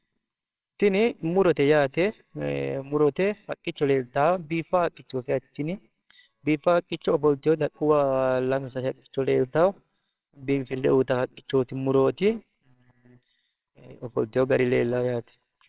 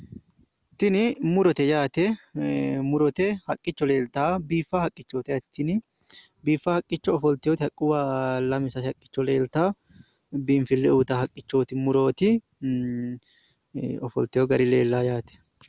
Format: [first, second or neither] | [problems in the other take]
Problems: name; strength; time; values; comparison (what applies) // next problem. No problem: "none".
second | noise reduction (neural separator model SepFormer WHAMR!)